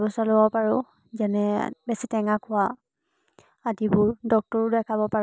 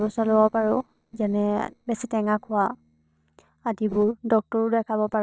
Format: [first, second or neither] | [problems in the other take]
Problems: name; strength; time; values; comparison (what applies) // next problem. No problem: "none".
first | noise reduction (neural separator model SepFormer DNS4)